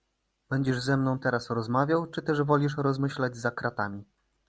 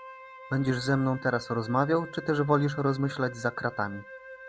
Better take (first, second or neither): first